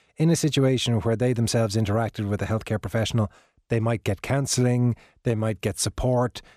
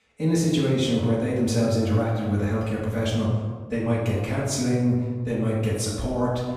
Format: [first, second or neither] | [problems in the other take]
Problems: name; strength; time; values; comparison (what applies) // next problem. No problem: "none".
first | off-mic speech; far // room echo; noticeable; dies away in 1.2 s